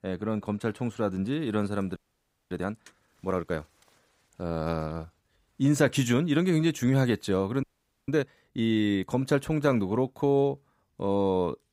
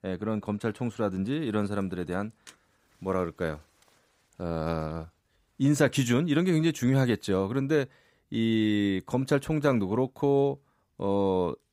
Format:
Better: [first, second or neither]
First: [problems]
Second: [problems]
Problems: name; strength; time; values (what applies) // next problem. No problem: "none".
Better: second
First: audio freezing; at 2 s for 0.5 s and at 7.5 s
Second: none